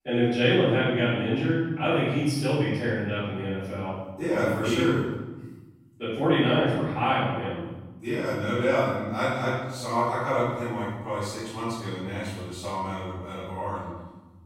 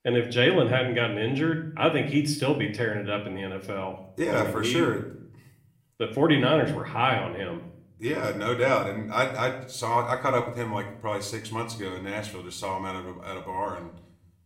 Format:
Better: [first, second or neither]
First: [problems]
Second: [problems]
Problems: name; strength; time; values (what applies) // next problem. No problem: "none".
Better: second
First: room echo; strong; dies away in 1.2 s // off-mic speech; far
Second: room echo; slight; dies away in 0.5 s